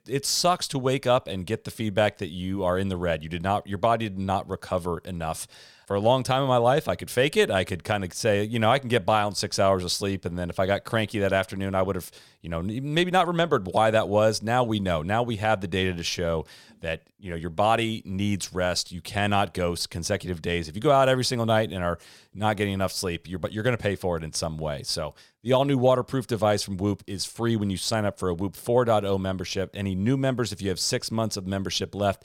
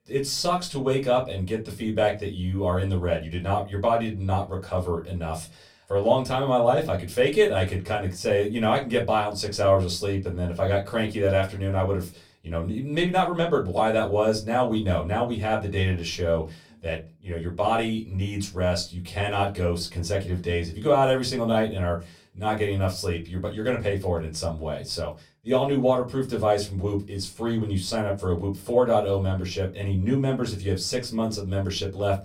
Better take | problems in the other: first | off-mic speech; far // room echo; very slight; dies away in 0.2 s

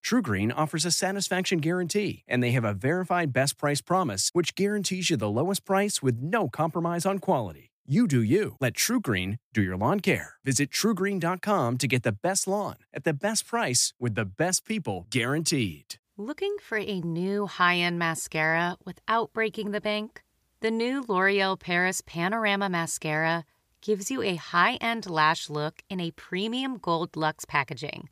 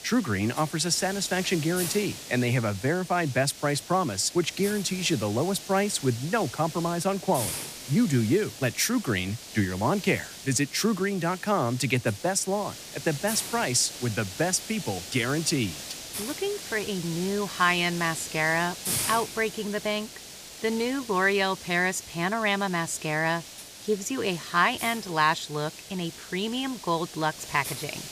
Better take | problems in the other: first | hiss; noticeable; throughout; 10 dB below the speech

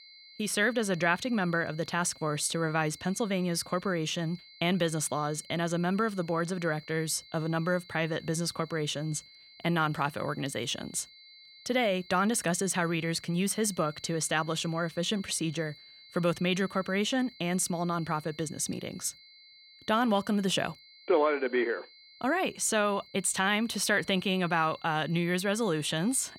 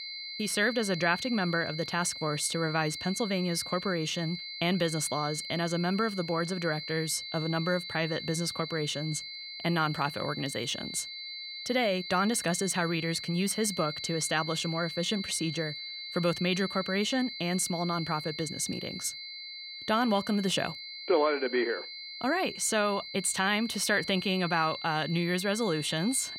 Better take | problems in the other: first | high-pitched whine; loud; throughout; 4 kHz, 8 dB below the speech; faint in the first

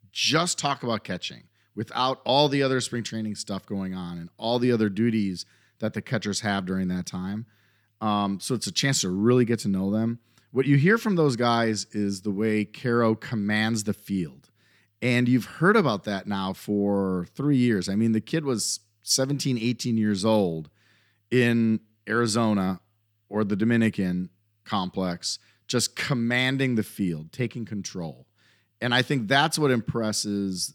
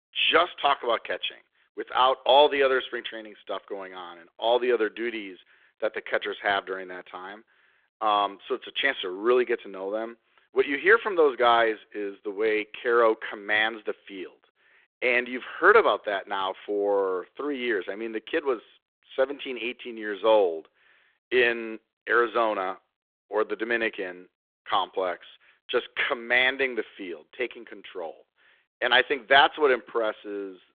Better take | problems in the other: first | phone-call audio; nothing above 3.5 kHz

